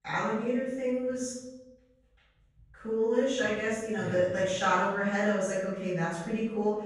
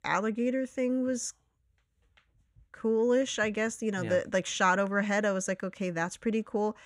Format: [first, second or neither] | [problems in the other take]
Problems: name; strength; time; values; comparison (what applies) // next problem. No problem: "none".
second | off-mic speech; far // room echo; strong; dies away in 1 s